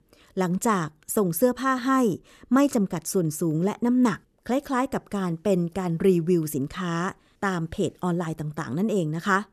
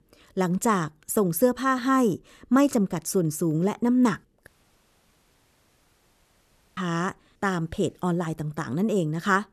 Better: first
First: none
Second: audio cutting out; at 4.5 s for 2.5 s

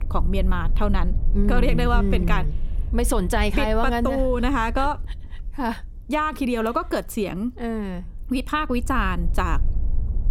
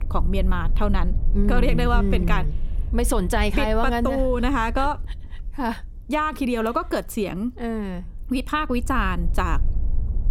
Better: neither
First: wind noise on the microphone; occasional gusts; 20 dB below the speech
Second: wind noise on the microphone; occasional gusts; 20 dB below the speech

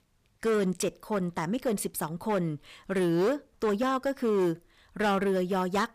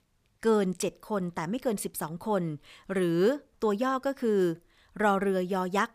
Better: second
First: distortion; slight; 10% of the sound clipped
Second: none

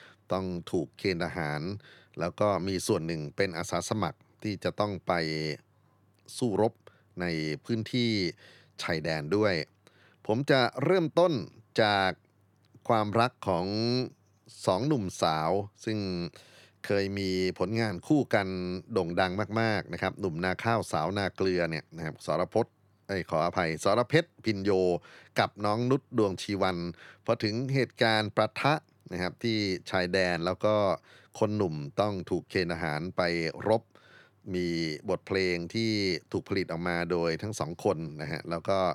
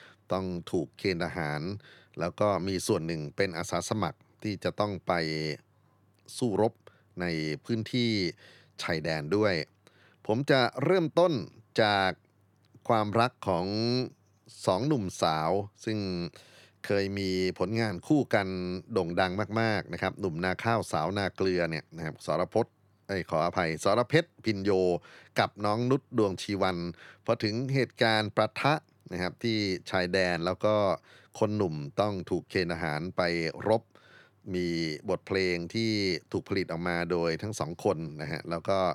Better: neither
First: none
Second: none

